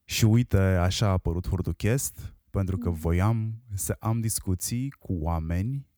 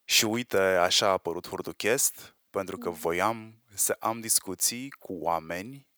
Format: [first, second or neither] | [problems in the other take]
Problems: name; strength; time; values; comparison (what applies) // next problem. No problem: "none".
first | thin; very; fading below 550 Hz